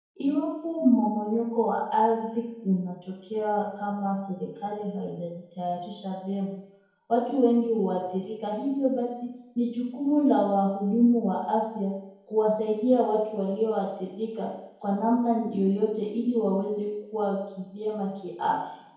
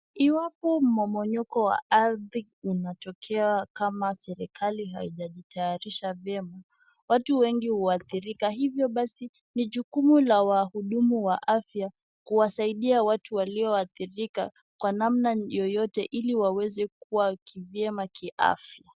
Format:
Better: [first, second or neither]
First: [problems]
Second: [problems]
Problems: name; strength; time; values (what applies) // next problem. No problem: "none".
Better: second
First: room echo; dies away in 0.9 s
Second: none